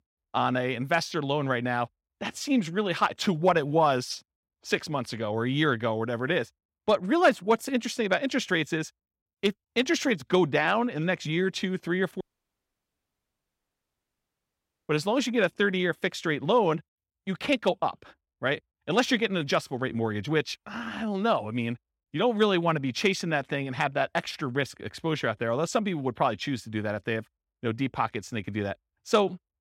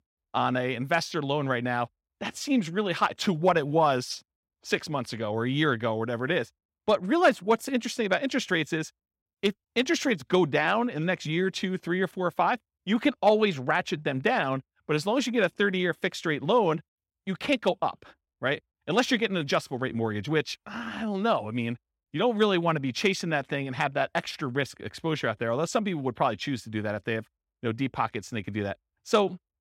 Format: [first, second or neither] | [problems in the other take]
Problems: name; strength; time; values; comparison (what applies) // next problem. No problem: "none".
second | audio cutting out; at 12 s for 2.5 s